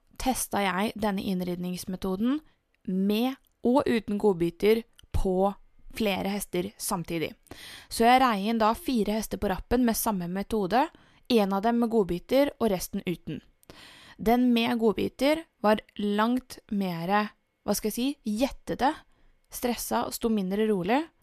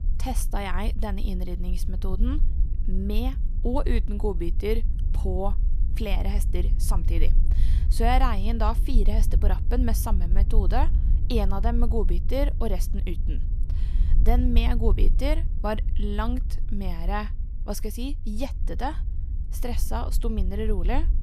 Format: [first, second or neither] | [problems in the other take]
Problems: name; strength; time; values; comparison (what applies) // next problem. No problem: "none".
first | low rumble; noticeable; throughout; 15 dB below the speech